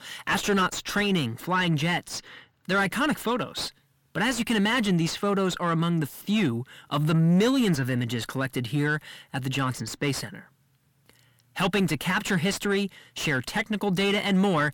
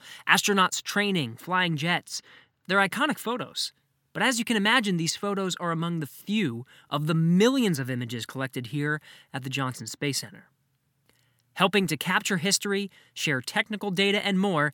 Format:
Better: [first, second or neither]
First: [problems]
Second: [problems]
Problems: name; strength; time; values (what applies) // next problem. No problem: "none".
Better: second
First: distortion; heavy; 7 dB below the speech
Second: none